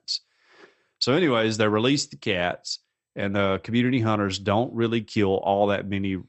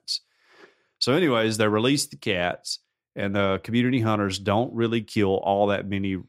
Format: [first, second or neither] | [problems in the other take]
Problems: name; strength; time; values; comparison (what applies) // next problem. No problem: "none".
second | garbled, watery; slightly; nothing above 8 kHz